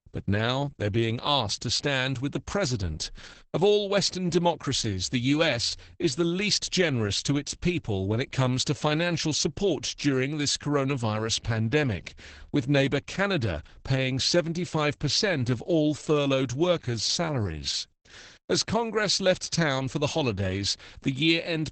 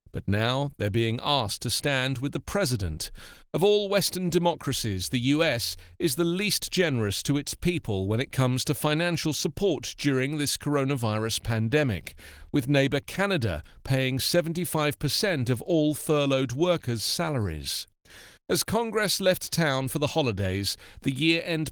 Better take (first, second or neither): second